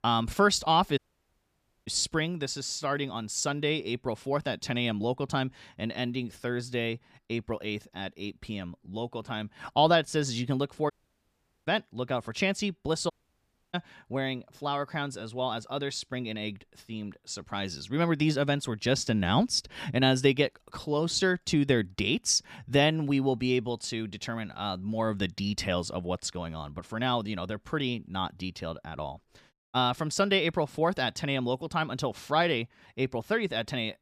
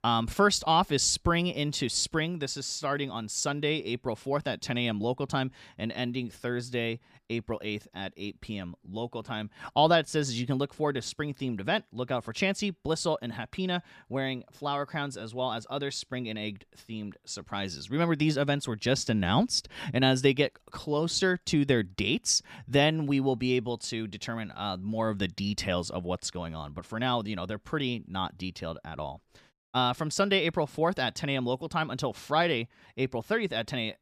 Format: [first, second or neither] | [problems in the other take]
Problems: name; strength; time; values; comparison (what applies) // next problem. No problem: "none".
second | audio cutting out; at 1 s for 1 s, at 11 s for 1 s and at 13 s for 0.5 s